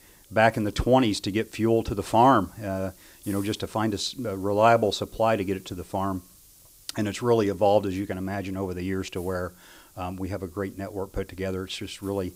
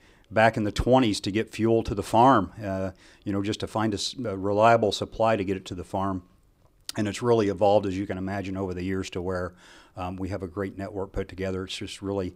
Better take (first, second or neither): second